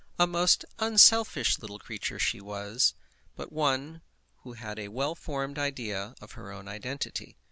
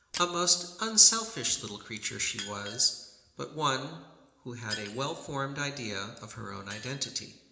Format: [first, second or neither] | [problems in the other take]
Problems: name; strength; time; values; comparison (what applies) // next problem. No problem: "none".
first | background sound (Shatter); 17 dB below the speech // room echo; dies away in 0.8 s